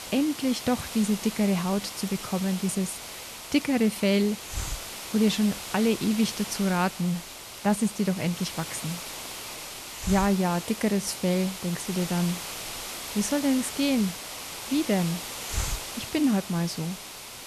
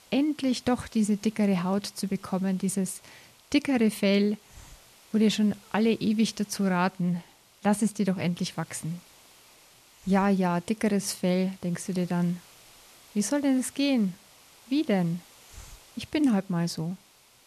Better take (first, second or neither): second